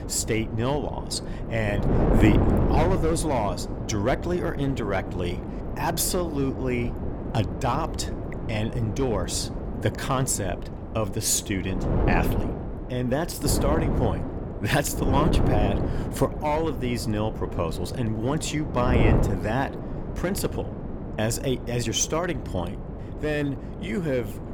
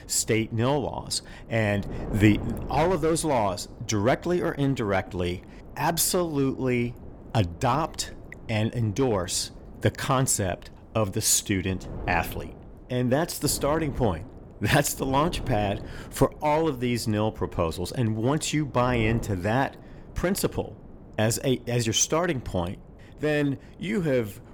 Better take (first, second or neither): second